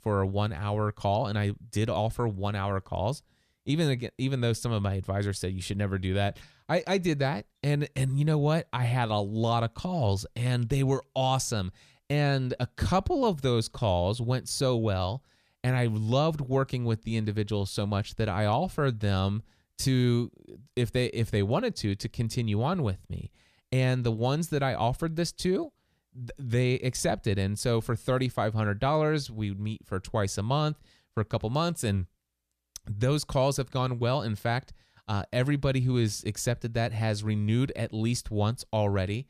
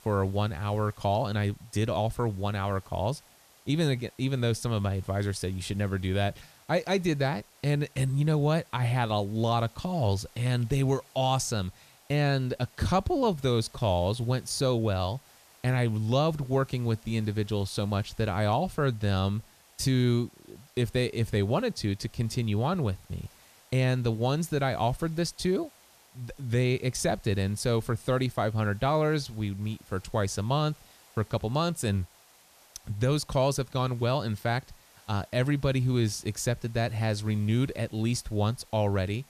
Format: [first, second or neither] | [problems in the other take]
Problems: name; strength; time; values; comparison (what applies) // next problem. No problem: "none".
first | hiss; faint; throughout; 25 dB below the speech